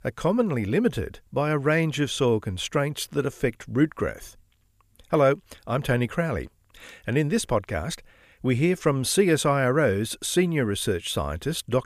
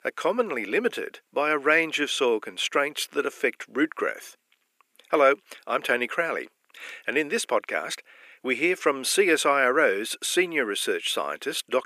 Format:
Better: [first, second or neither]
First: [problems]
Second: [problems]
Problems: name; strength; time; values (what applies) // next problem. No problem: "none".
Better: first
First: none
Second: thin; somewhat; fading below 300 Hz